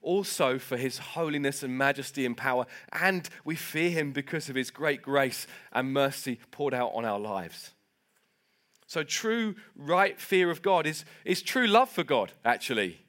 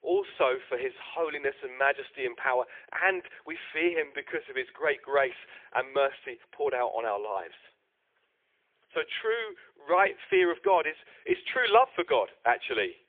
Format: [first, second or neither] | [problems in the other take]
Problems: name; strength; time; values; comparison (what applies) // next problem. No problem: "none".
first | phone-call audio; poor line; nothing above 3.5 kHz